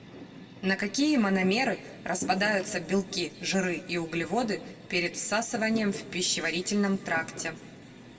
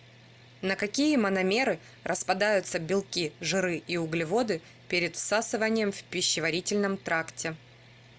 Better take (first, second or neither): second